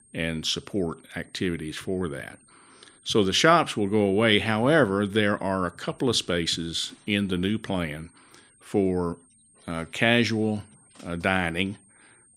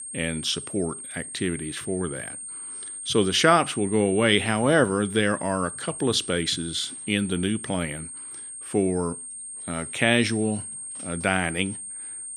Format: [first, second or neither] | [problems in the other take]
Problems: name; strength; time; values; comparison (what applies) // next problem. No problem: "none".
first | high-pitched whine; loud; throughout; 8.5 kHz, 10 dB below the speech; faint in the first